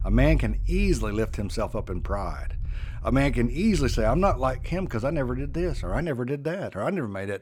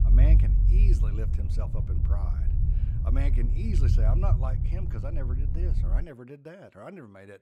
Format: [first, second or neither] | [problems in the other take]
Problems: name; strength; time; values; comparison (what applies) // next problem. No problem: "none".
first | low rumble; loud; until 6 s; 2 dB below the speech; faint in the first